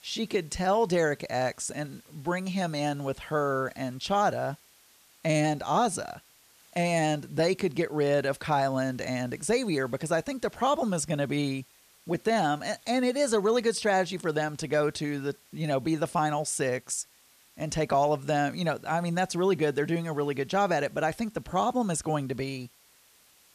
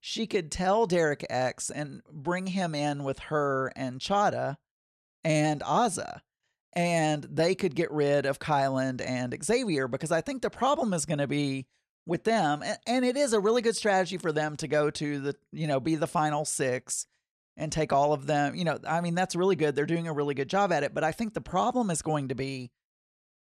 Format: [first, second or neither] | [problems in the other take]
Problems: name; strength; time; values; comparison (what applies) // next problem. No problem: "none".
second | hiss; faint; throughout; 30 dB below the speech